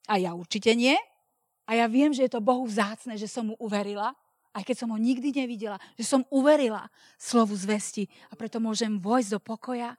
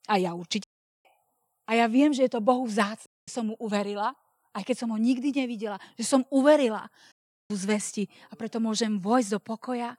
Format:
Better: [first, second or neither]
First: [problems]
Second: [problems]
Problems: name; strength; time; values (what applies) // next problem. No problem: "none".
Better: first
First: none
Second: audio cutting out; at 0.5 s, at 3 s and at 7 s